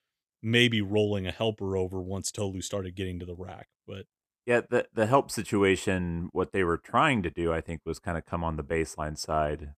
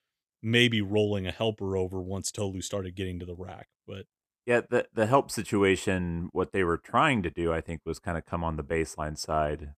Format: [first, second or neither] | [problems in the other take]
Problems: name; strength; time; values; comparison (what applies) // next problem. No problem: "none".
neither | none